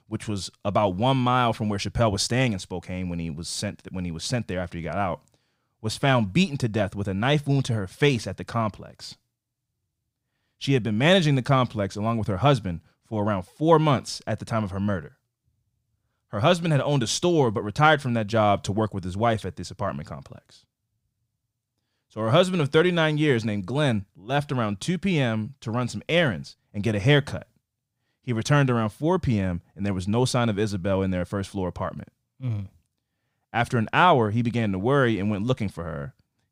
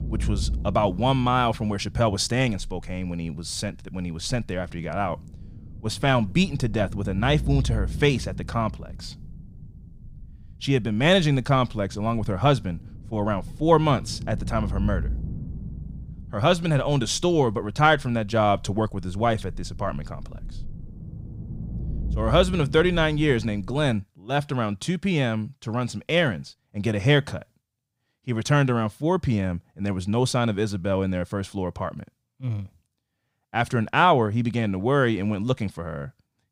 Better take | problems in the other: first | low rumble; faint; until 24 s; 25 dB below the speech

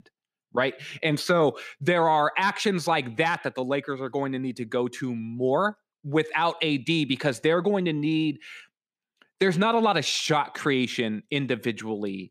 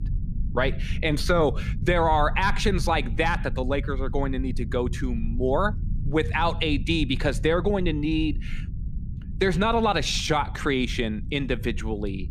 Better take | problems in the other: first | low rumble; faint; throughout; 20 dB below the speech

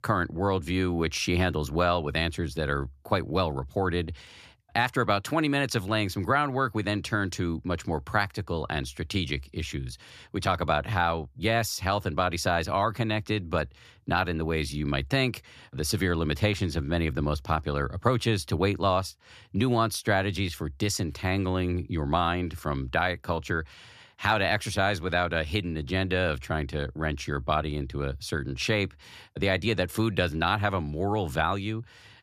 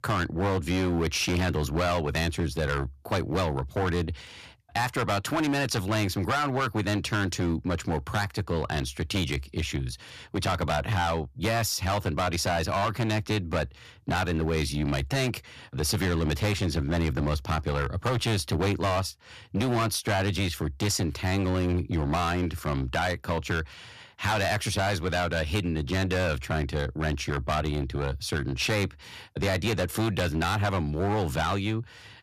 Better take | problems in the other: first | distortion; heavy; 14% of the sound clipped

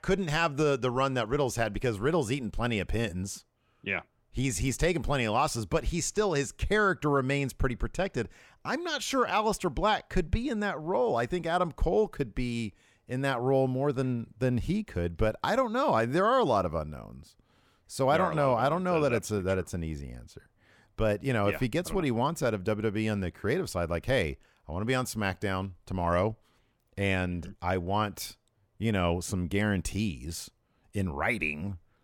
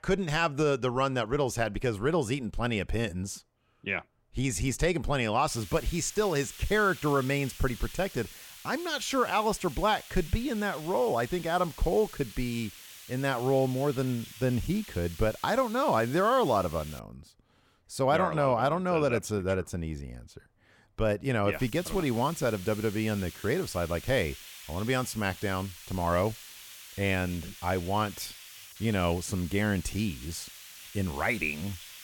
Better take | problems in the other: first | hiss; noticeable; from 5.5 to 17 s and from 22 s on; 15 dB below the speech

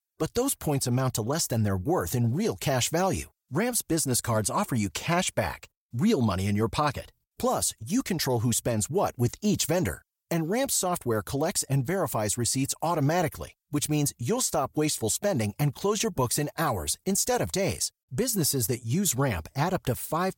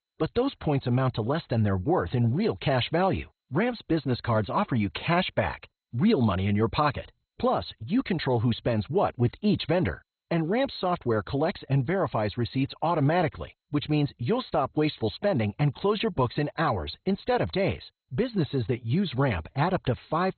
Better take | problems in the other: first | garbled, watery; badly; nothing above 4 kHz

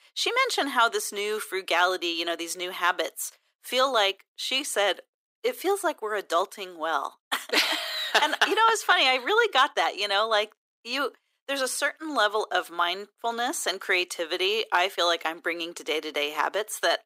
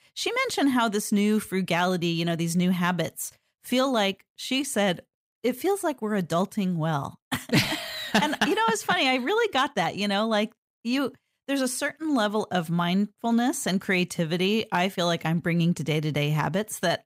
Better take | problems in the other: second | thin; very; fading below 350 Hz

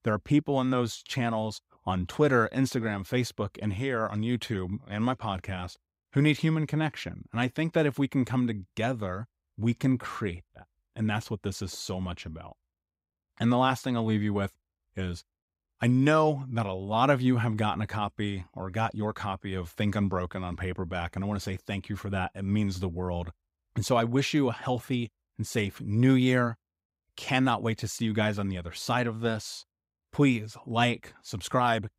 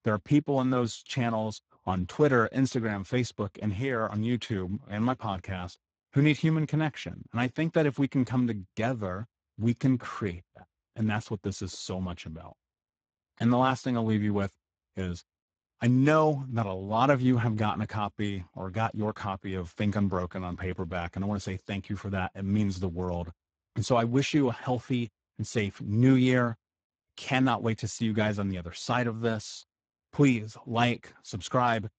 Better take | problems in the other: first | garbled, watery; badly; nothing above 7.5 kHz

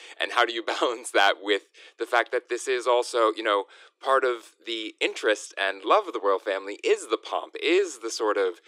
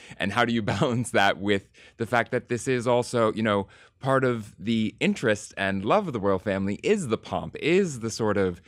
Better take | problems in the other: second | thin; very; fading below 300 Hz

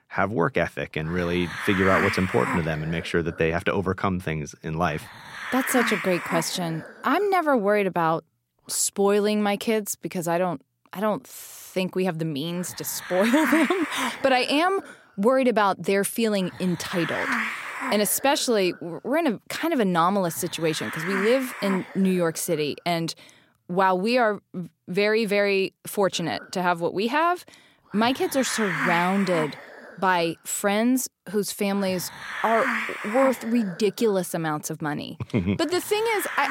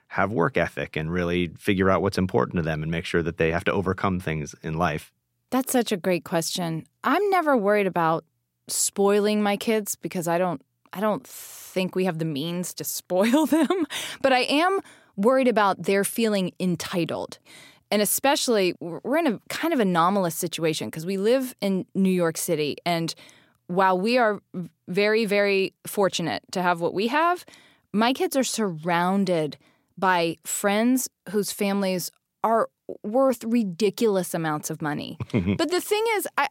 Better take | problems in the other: second | hiss; loud; until 9 s, from 12 to 24 s and from 26 s on; 5 dB below the speech

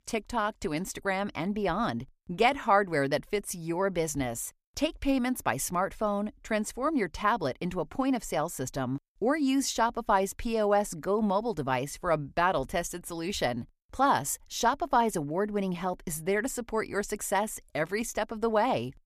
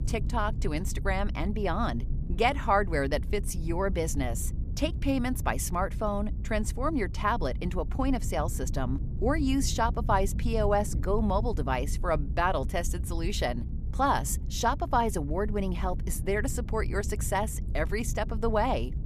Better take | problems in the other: first | low rumble; noticeable; throughout; 20 dB below the speech

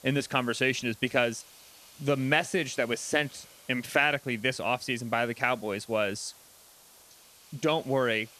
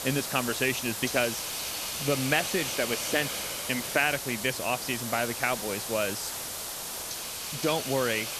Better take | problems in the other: first | hiss; loud; throughout; 3 dB below the speech; faint in the first

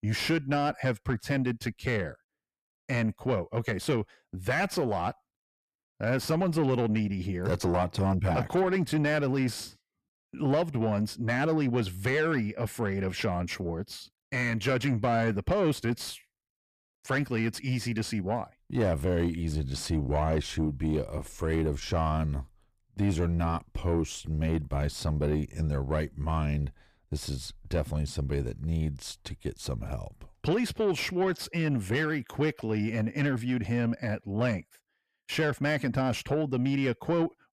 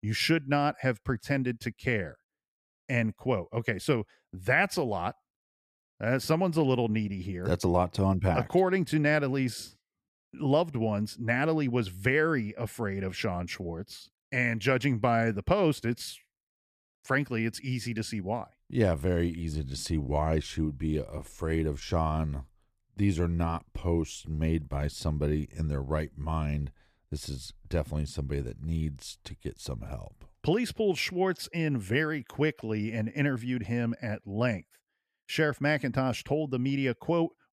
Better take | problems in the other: second | distortion; slight; 10 dB below the speech

